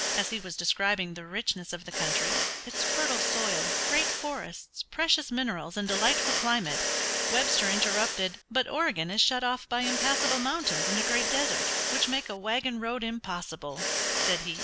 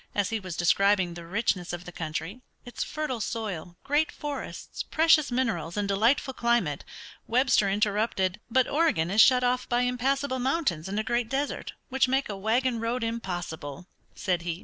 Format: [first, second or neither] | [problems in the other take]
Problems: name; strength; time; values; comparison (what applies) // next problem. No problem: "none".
second | background sound (Mechanisms); 1 dB below the speech